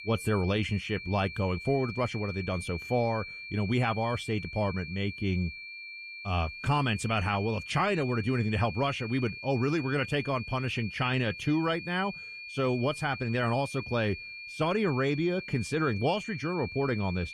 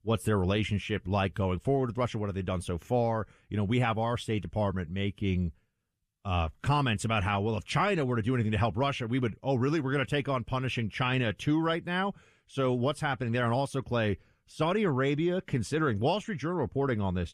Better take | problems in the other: second | high-pitched whine; noticeable; throughout; 2.5 kHz, 10 dB below the speech

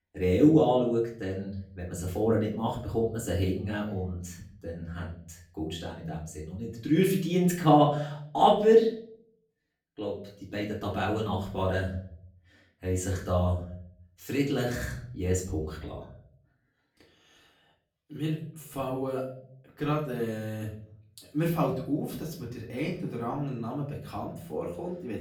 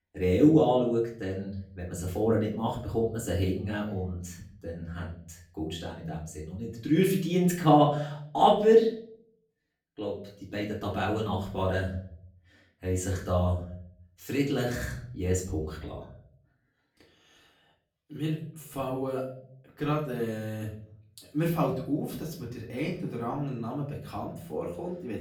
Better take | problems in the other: neither | room echo; slight; dies away in 0.5 s; the same in both // off-mic speech; far; the same in both

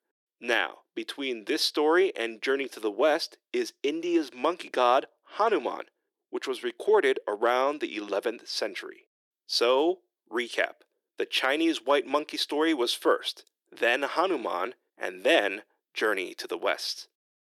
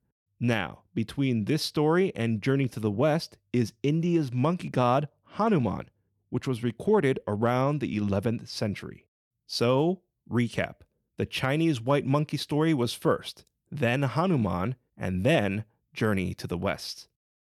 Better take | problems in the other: second | thin; very; fading below 350 Hz

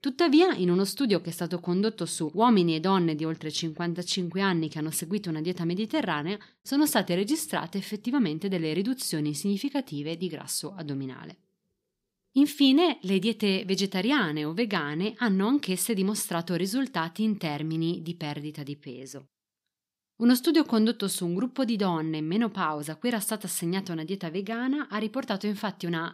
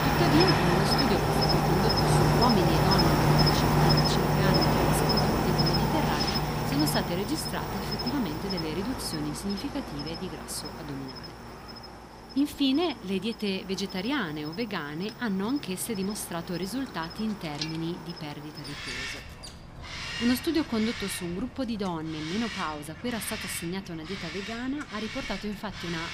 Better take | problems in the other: first | animal sounds; very loud; throughout; 5 dB above the speech

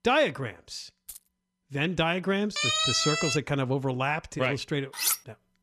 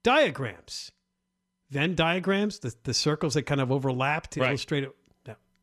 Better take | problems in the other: second | jangling keys; faint; at 1 s; peak 15 dB below the speech // siren; loud; at 2.5 s; peak 5 dB above the speech // clattering dishes; loud; at 5 s; peak 2 dB above the speech

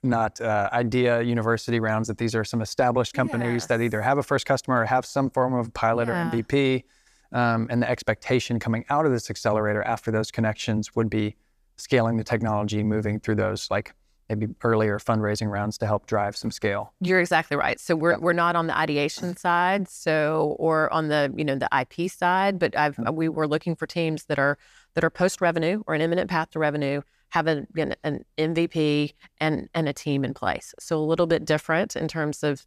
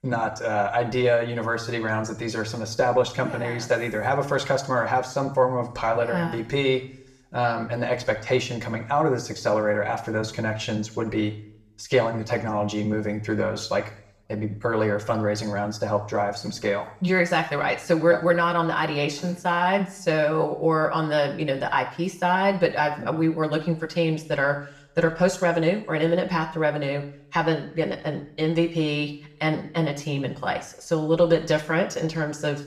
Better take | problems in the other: first | room echo; slight; dies away in 0.5 s // off-mic speech; somewhat distant

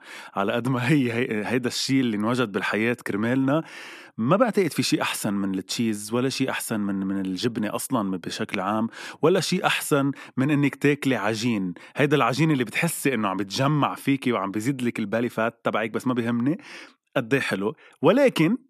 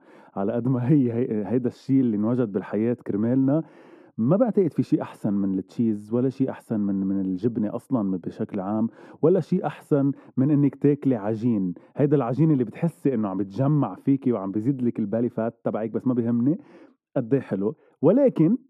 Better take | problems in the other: first | muffled; very; fading above 1 kHz

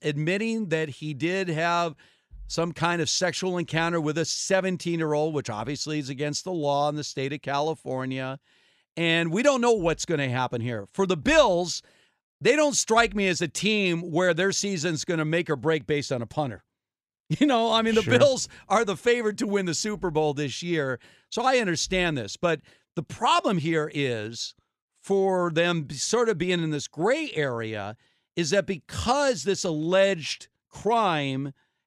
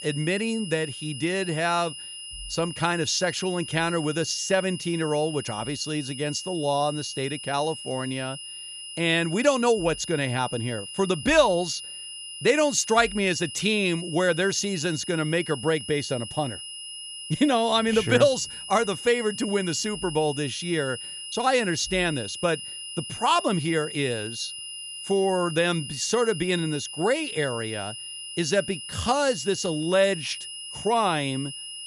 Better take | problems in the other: first | high-pitched whine; loud; throughout; 3 kHz, 10 dB below the speech

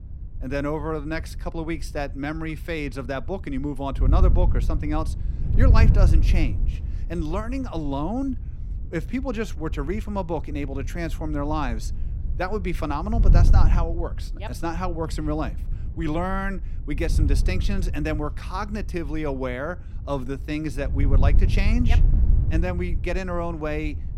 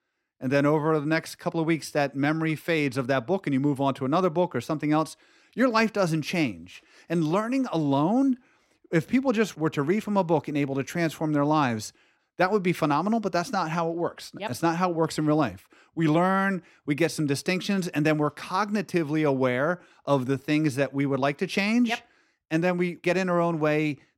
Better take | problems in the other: second | wind noise on the microphone; occasional gusts; 10 dB below the speech

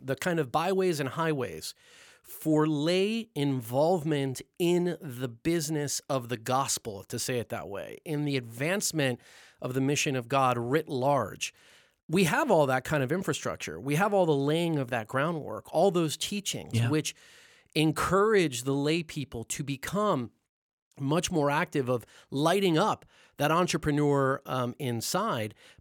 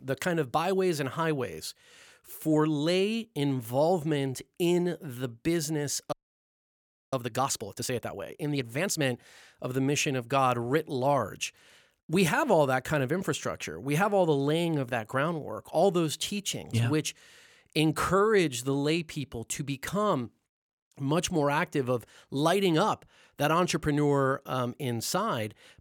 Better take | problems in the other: first | audio freezing; at 6 s for 1 s

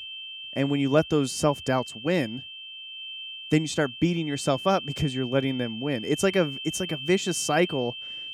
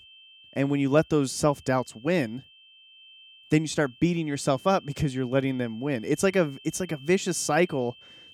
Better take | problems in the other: second | high-pitched whine; loud; throughout; 3 kHz, 10 dB below the speech; faint in the second

